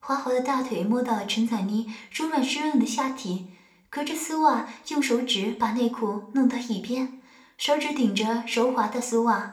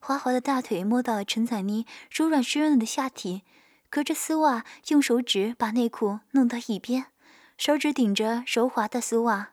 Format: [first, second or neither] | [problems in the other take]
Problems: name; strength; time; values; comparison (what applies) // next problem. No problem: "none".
second | room echo; very slight; dies away in 0.4 s // off-mic speech; somewhat distant